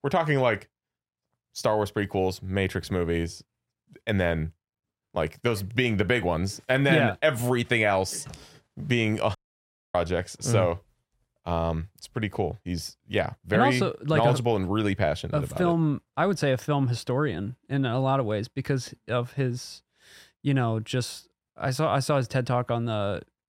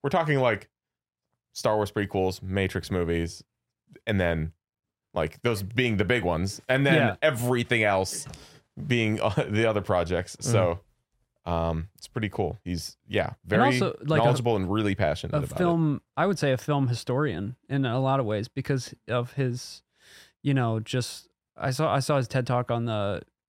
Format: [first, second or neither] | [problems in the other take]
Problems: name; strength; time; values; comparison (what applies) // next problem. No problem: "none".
second | audio cutting out; at 9.5 s for 0.5 s